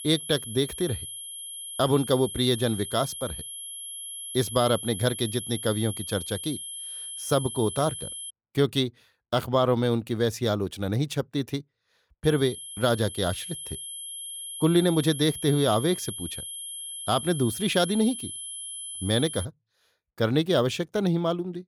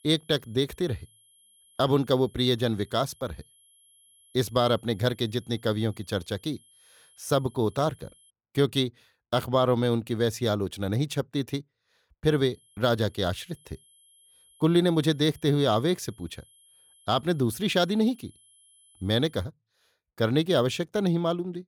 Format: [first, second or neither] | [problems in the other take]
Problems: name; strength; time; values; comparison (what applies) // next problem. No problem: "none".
second | high-pitched whine; loud; until 8.5 s and from 12 to 19 s; 11 kHz, 9 dB below the speech; faint in the second